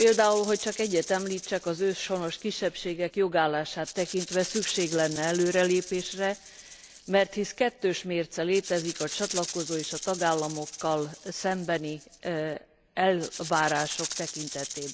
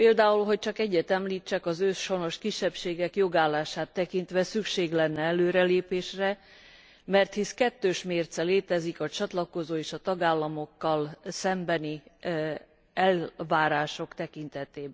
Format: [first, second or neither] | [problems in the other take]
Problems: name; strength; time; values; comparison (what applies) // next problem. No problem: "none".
second | background sound (Rattle (instrument)); 12 dB below the speech